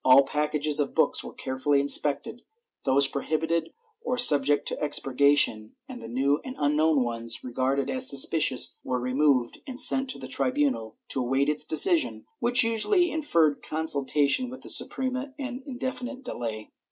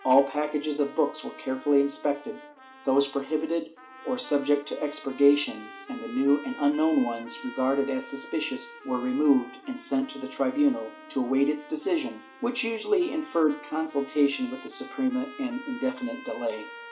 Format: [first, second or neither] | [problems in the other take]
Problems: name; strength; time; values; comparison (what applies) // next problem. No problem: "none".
first | background sound (Trumpet); 18 dB below the speech // room echo; dies away in 1.8 s